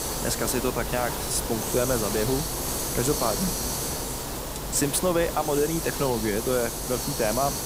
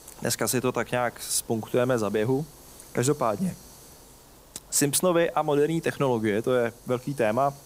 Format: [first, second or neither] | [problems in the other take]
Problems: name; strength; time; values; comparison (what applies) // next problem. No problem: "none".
second | hiss; loud; throughout; 2 dB below the speech; faint in the second